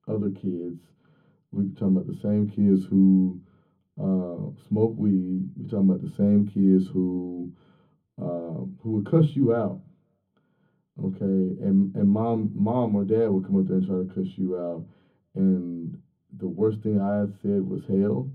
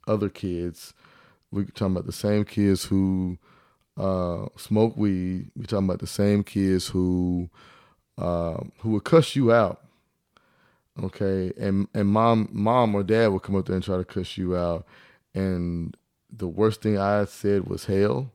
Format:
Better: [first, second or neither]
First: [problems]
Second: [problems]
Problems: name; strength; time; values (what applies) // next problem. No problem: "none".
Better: second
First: room echo; slight; dies away in 0.3 s // off-mic speech; far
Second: none